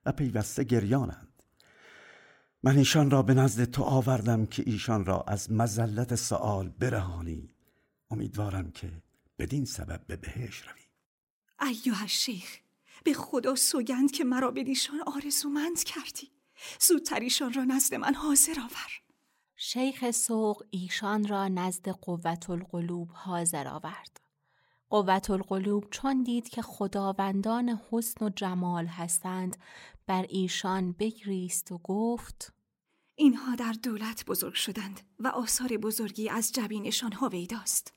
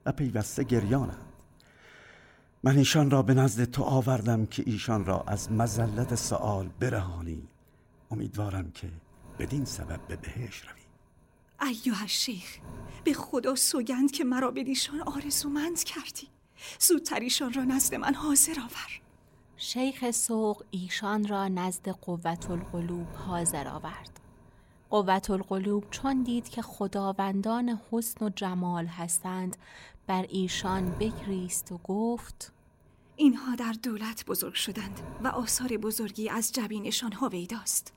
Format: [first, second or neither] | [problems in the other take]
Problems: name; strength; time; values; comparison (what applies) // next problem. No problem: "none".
first | wind noise on the microphone; occasional gusts; 20 dB below the speech